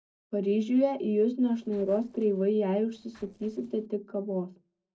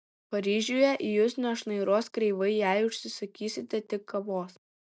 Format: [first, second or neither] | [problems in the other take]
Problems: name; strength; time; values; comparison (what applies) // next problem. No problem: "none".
second | noise reduction (neural separator model SepFormer DNS4)